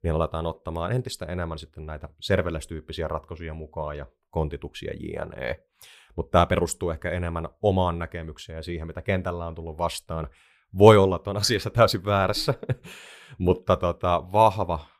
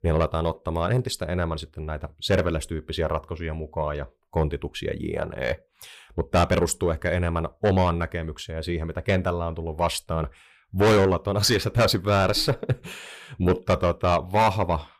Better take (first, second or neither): first